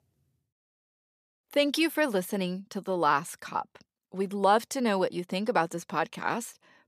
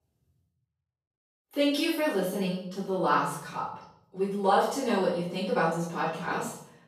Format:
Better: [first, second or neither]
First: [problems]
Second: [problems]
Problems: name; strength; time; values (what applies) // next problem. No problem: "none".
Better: first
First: none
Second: off-mic speech; far // room echo; noticeable; dies away in 0.7 s